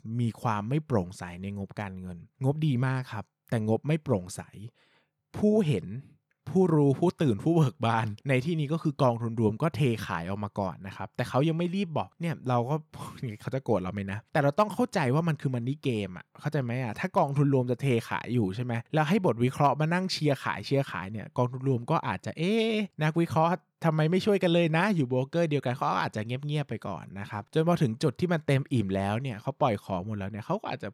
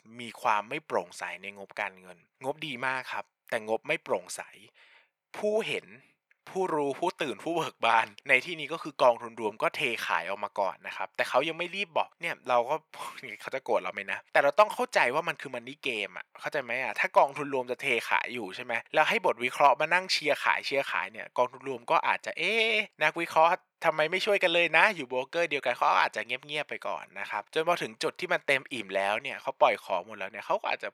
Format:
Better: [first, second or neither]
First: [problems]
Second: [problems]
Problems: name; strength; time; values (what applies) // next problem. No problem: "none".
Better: first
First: none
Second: thin; very; fading below 600 Hz